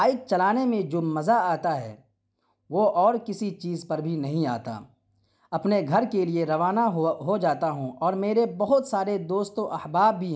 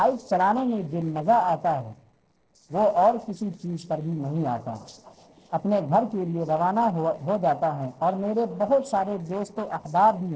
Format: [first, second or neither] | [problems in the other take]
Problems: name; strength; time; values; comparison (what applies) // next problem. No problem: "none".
first | noise reduction (neural separator model SepFormer DNS4)